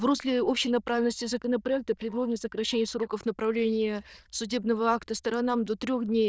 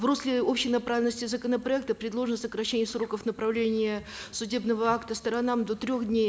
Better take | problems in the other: second | noise reduction (neural diffusion model UNIVERSE++)

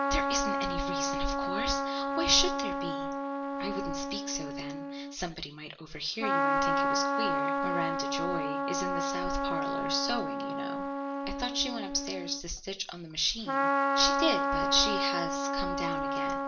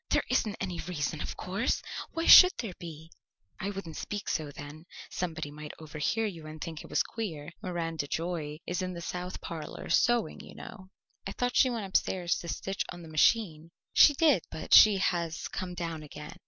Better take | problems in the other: second | background sound (Trumpet); 3 dB above the speech // room echo; dies away in 0.4 s

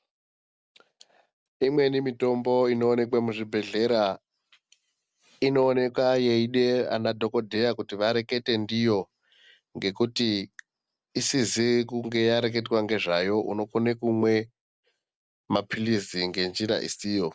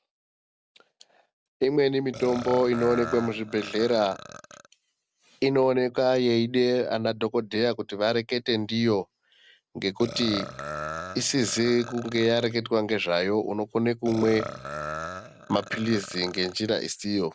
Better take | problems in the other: first | background sound (Burping, eructation); 12 dB below the speech

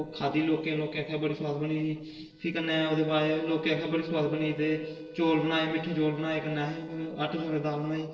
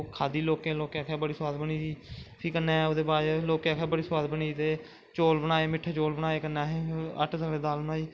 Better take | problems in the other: second | noise reduction (neural separator model SepFormer DNS4)

